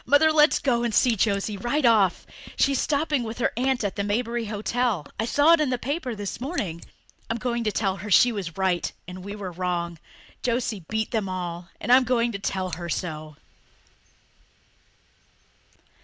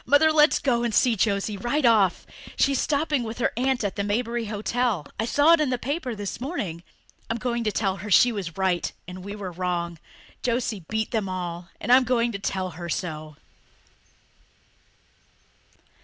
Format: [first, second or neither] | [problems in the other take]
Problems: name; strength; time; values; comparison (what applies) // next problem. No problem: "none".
second | background sound (Scissors); 12 dB below the speech